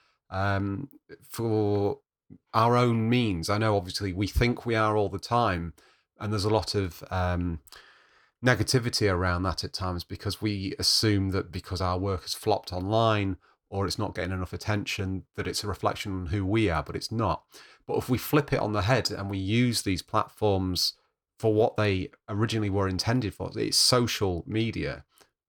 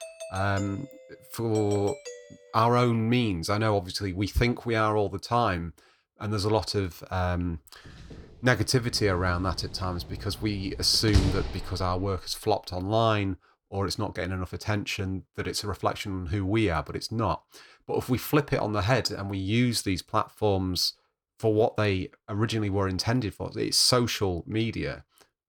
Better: first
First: none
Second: doorbell; faint; until 2.5 s; peak 10 dB below the speech // door banging; noticeable; from 10 to 12 s; peak level with the speech

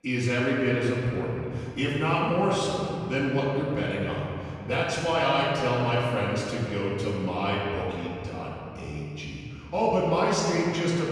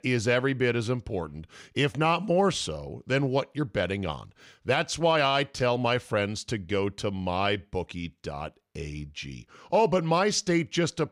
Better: second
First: room echo; strong; dies away in 2.9 s // off-mic speech; far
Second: none

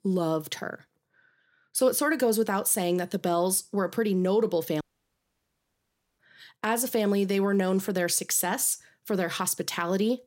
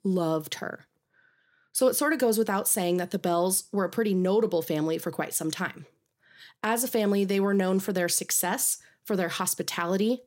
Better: second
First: audio cutting out; at 5 s for 1.5 s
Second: none

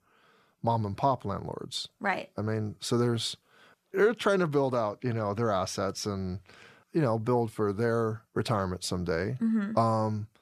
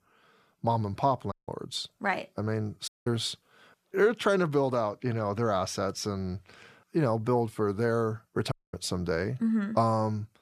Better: first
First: none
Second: audio cutting out; at 1.5 s, at 3 s and at 8.5 s

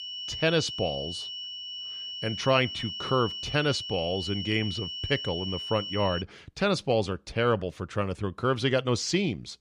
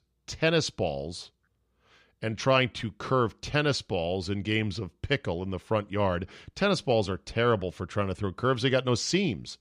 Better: second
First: high-pitched whine; loud; until 6 s; 3 kHz, 6 dB below the speech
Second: none

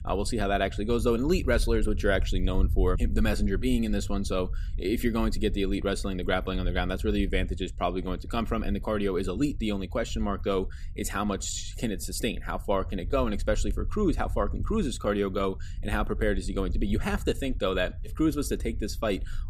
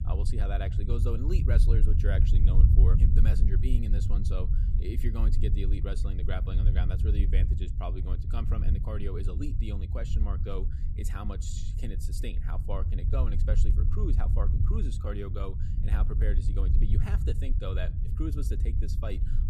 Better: first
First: low rumble; faint; throughout; 25 dB below the speech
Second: low rumble; loud; throughout; 4 dB below the speech

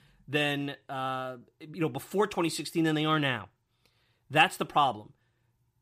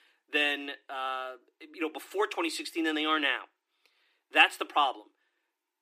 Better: first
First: none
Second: thin; somewhat; fading below 300 Hz

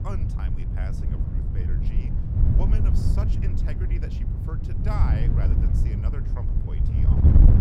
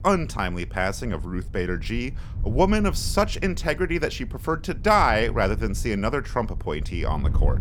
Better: second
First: wind noise on the microphone; heavy; 3 dB above the speech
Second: wind noise on the microphone; occasional gusts; 25 dB below the speech

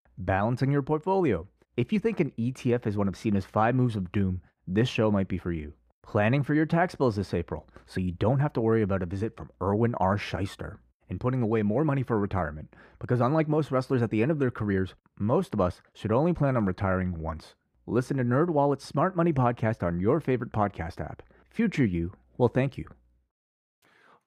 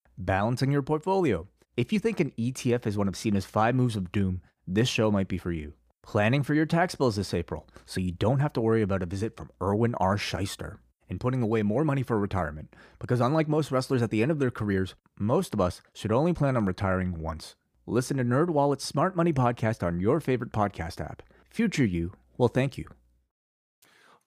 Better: second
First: muffled; slightly; fading above 3.5 kHz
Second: none

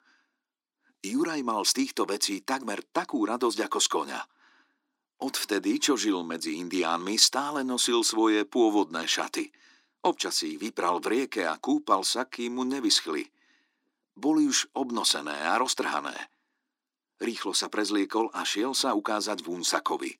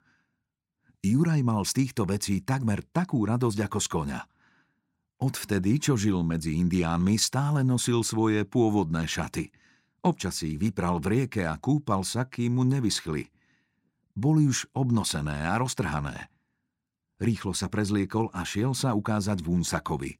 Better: second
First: thin; somewhat; fading below 300 Hz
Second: none

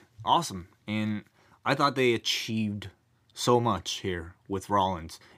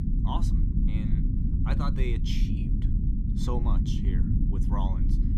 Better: first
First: none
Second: low rumble; loud; throughout; 1 dB below the speech

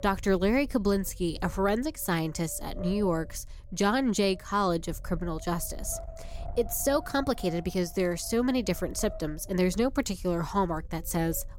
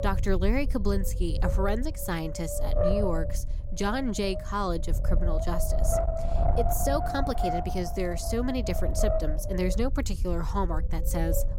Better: first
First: wind noise on the microphone; occasional gusts; 15 dB below the speech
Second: wind noise on the microphone; heavy; 1 dB below the speech

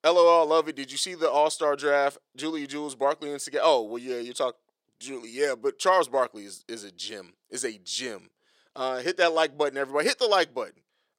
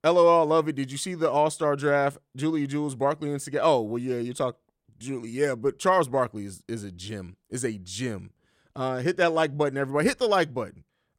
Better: second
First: thin; somewhat; fading below 450 Hz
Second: none

